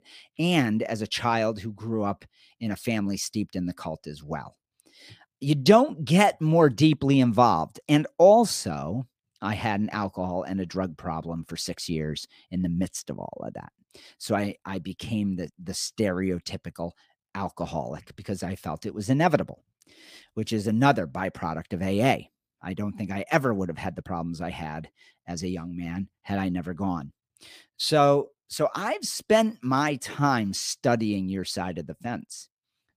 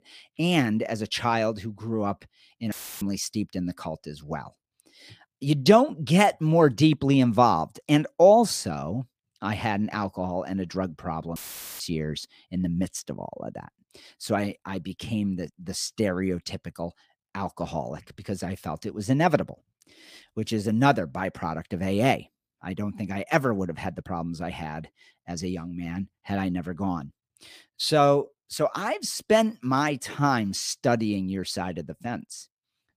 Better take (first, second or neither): first